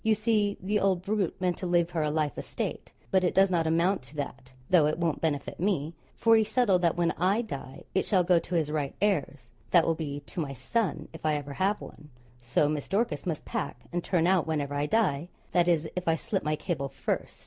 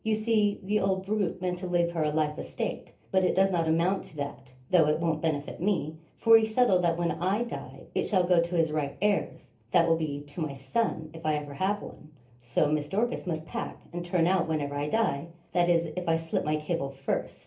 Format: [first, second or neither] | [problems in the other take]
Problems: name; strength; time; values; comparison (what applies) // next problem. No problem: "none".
first | room echo; dies away in 0.3 s